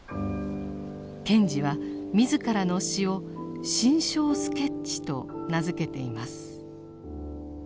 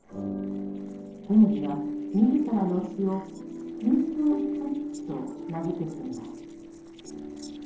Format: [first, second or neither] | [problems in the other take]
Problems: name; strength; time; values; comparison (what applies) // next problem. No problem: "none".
first | noise reduction (neural separator model SepFormer DNS4)